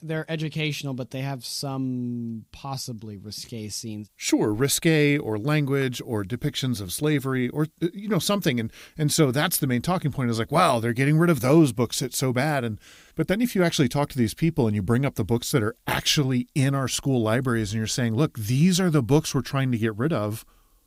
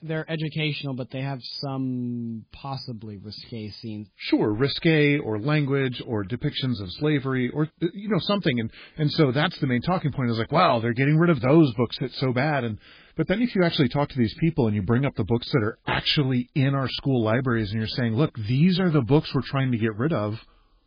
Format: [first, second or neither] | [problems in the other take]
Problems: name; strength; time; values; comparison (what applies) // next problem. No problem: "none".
first | garbled, watery; badly